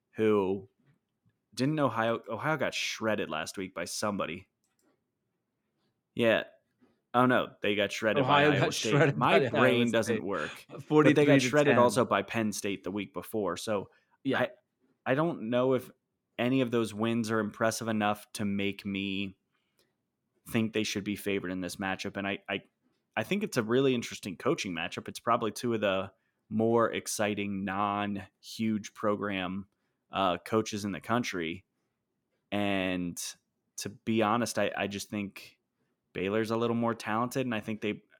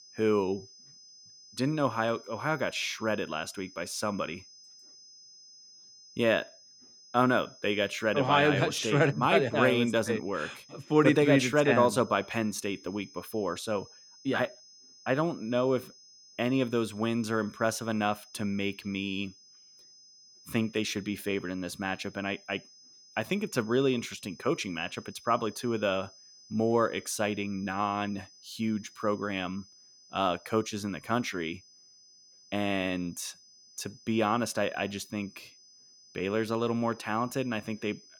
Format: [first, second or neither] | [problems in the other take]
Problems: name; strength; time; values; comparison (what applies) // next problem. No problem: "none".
first | high-pitched whine; faint; throughout; 5 kHz, 25 dB below the speech